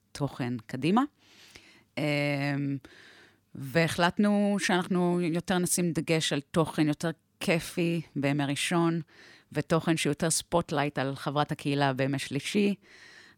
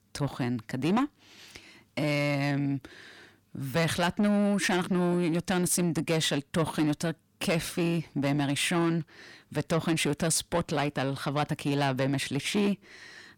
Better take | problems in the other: first | distortion; slight; 10 dB below the speech

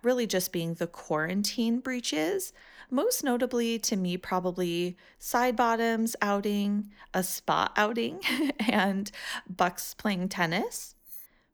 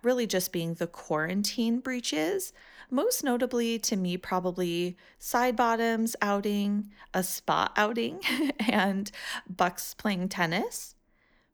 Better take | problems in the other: second | jangling keys; faint; at 11 s; peak 15 dB below the speech

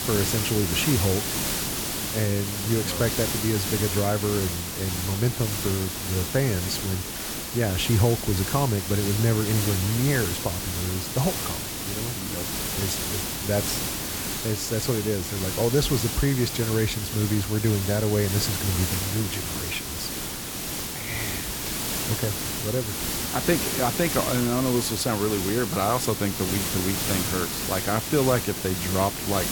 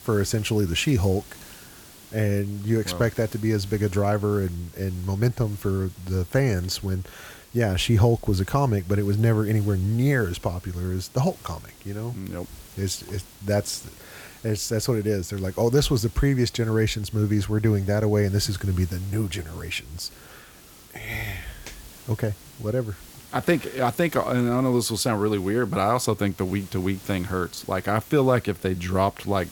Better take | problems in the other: second | hiss; loud; throughout; 1 dB below the speech; faint in the second

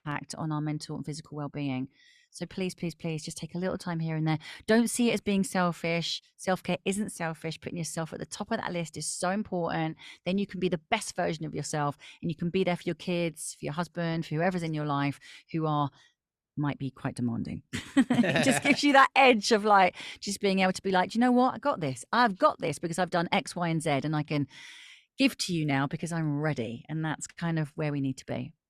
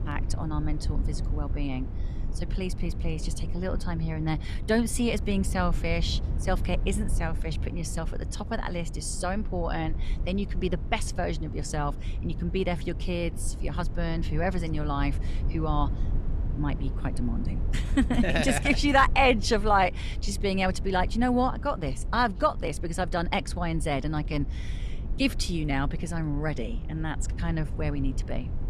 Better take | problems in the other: first | low rumble; noticeable; throughout; 20 dB below the speech

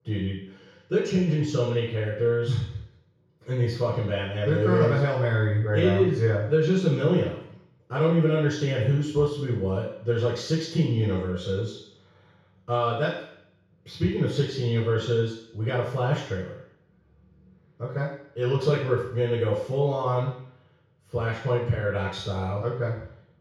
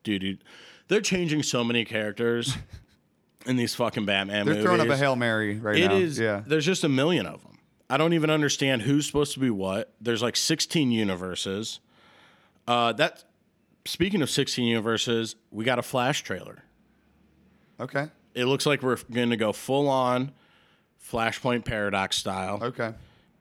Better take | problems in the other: second | room echo; noticeable; dies away in 0.6 s // off-mic speech; far

